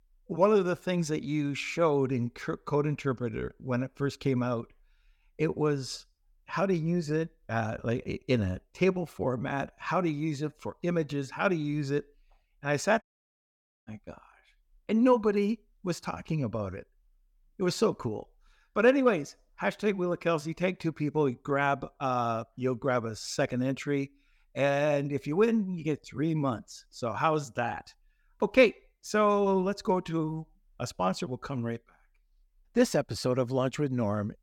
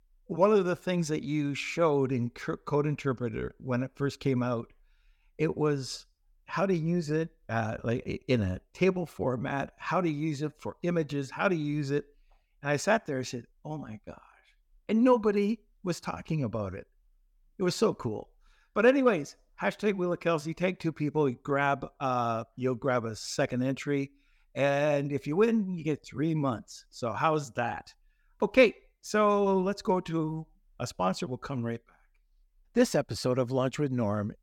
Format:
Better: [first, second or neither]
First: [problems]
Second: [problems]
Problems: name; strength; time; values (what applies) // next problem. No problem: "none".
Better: second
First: audio cutting out; at 13 s for 1 s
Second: none